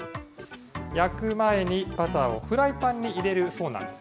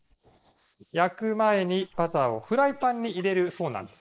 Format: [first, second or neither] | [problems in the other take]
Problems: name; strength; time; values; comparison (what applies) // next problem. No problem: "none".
first | noise reduction (neural mask model Resemble Enhance denoiser)